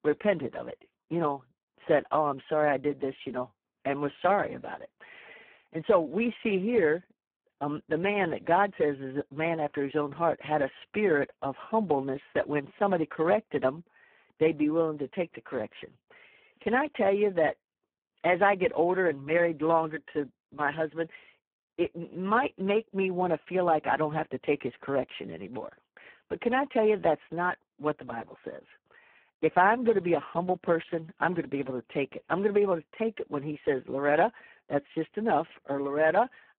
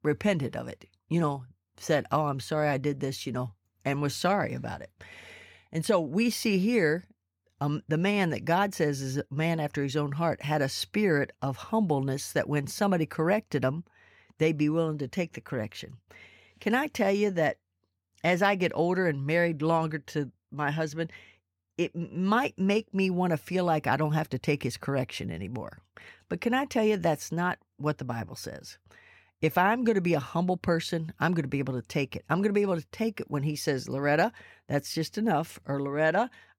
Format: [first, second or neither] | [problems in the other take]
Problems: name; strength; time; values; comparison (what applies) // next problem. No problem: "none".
second | phone-call audio; poor line